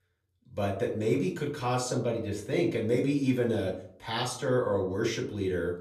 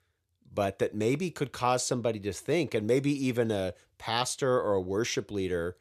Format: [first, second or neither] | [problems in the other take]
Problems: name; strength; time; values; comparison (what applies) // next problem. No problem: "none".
second | off-mic speech; far // room echo; slight; dies away in 0.4 s